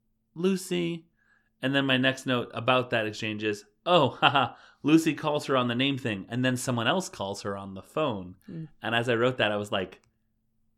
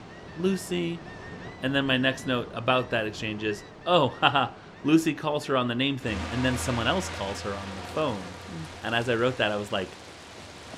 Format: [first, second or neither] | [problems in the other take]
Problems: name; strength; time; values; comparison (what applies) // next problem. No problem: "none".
first | rain or running water; noticeable; throughout; 15 dB below the speech